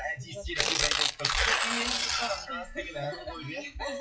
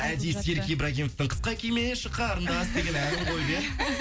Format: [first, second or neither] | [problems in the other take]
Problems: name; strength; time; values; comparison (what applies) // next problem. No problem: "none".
second | noise reduction (classical method WPE with log-MMSE)